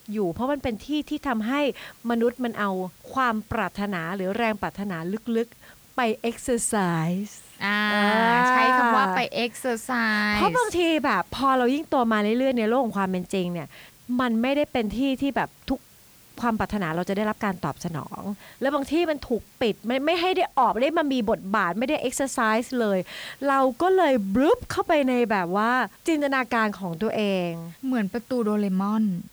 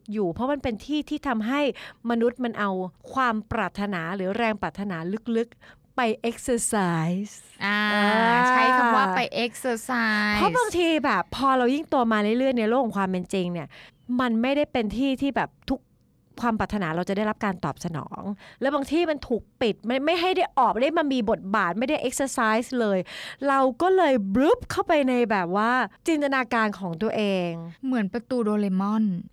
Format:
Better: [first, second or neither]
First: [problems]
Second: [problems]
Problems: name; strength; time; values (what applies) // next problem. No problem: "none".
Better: second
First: hiss; faint; throughout; 25 dB below the speech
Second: none